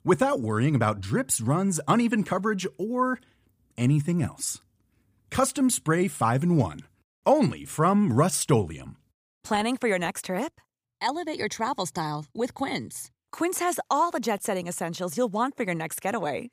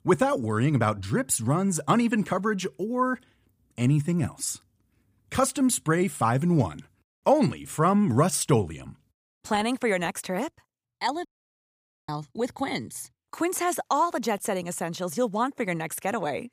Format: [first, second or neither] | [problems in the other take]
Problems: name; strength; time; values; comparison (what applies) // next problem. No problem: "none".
first | audio cutting out; at 11 s for 1 s